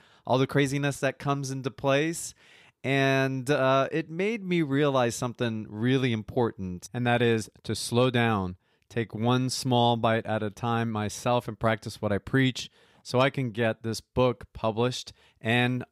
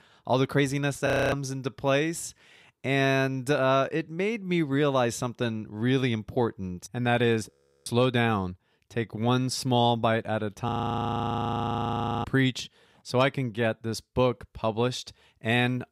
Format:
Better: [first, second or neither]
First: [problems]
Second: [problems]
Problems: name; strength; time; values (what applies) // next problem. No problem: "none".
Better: first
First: none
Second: audio freezing; at 1 s, at 7.5 s and at 11 s for 1.5 s